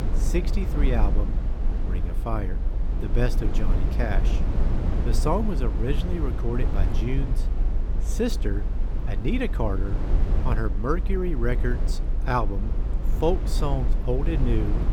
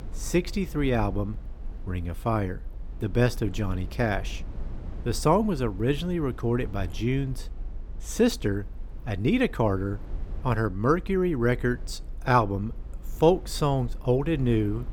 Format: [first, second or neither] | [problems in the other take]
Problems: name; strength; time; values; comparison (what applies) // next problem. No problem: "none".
second | low rumble; loud; throughout; 8 dB below the speech; faint in the second